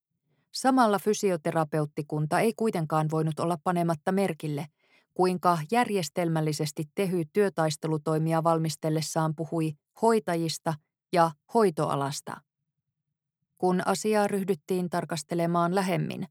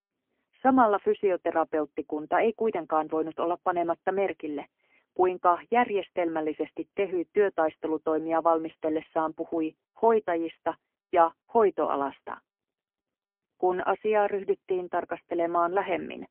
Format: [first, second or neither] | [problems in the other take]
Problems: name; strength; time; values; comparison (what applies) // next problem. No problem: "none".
first | phone-call audio; poor line; nothing above 3 kHz